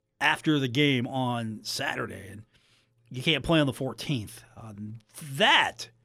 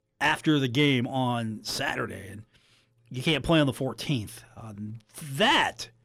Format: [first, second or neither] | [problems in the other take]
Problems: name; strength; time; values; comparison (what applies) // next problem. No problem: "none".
first | distortion; slight; 10 dB below the speech